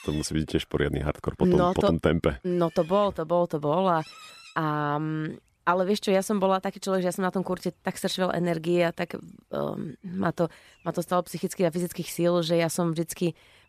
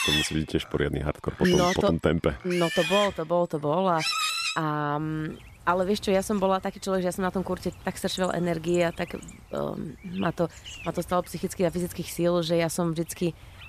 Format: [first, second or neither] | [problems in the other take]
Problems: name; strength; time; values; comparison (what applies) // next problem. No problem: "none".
first | animal sounds; loud; throughout; 4 dB below the speech; faint in the first